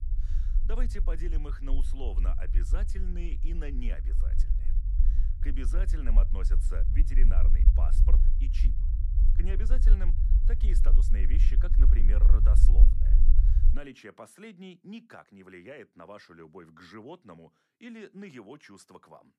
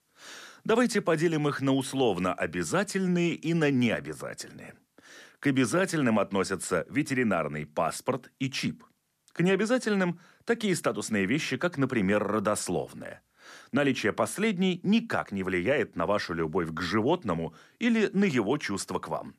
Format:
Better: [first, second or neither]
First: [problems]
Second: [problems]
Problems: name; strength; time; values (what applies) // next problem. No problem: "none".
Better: second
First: low rumble; loud; until 14 s; 4 dB below the speech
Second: none